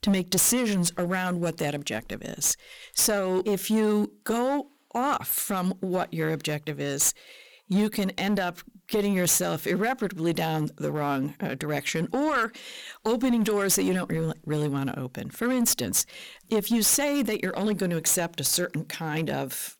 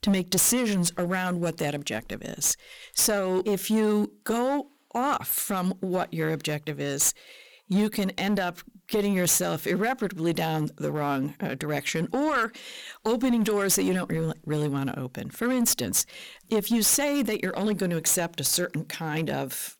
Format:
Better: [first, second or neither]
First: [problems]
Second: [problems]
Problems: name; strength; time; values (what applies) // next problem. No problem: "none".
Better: neither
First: distortion; slight; 8% of the sound clipped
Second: distortion; slight; 8% of the sound clipped